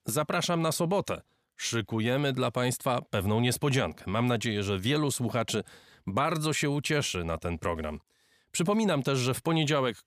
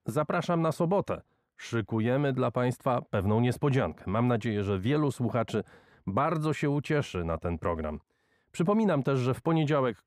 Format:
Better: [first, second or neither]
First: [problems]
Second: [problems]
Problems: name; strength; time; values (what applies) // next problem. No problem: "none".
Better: first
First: none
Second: muffled; slightly; fading above 2.5 kHz